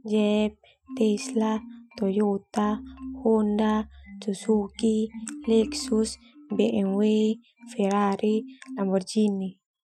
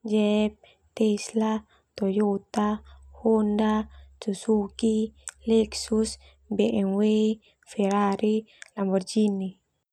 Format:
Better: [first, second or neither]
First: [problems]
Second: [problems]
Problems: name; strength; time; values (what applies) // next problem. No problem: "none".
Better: second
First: noise reduction (classical method Wiener filter)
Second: none